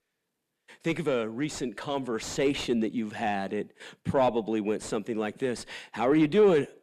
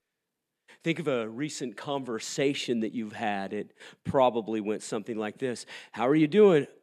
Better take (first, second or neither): second